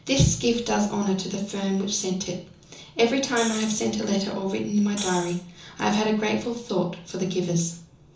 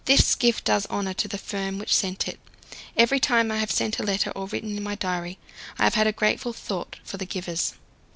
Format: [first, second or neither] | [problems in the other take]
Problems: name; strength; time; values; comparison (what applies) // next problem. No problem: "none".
second | background sound (Hi-hat); 11 dB below the speech // room echo; dies away in 0.7 s